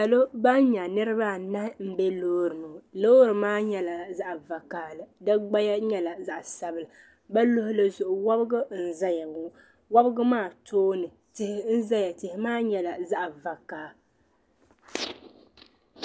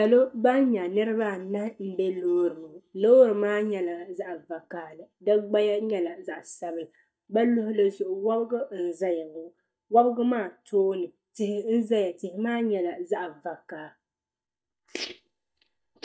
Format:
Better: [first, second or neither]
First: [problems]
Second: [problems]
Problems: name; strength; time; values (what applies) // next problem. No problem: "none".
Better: first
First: none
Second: noise reduction (neural mask model DeepFilterNet 3)